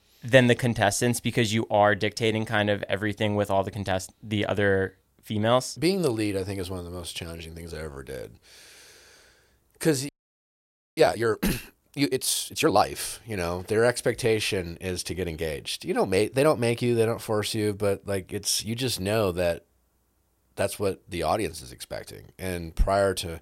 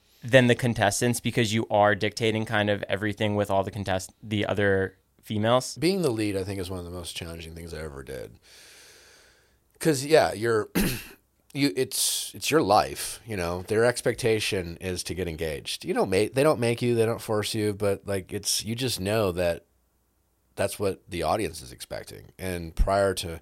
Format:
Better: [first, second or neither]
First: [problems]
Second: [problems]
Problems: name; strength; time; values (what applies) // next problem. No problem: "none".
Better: second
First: audio freezing; at 10 s for 1 s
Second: none